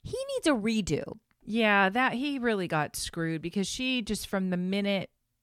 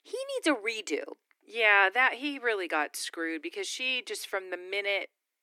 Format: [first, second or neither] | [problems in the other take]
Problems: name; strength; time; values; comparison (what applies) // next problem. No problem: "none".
first | thin; very; fading below 300 Hz